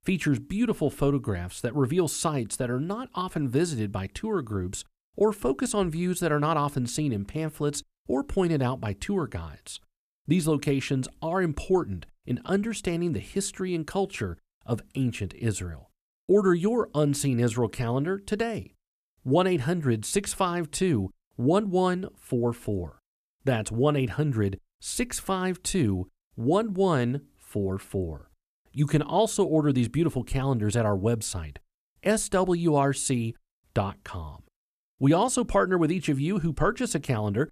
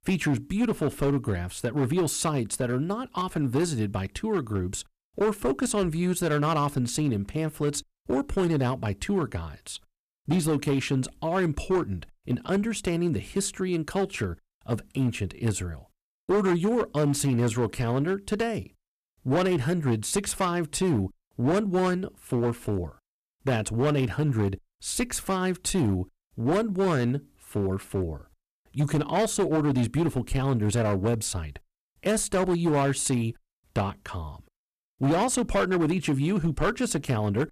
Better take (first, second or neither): first